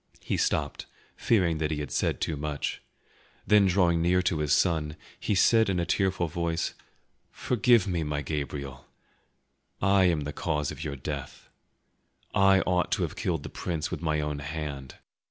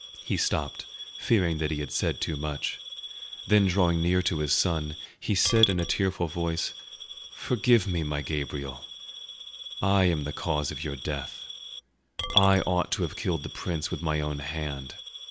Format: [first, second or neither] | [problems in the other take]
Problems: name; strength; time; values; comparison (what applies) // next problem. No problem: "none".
first | background sound (Coin (dropping) / Glass); 10 dB below the speech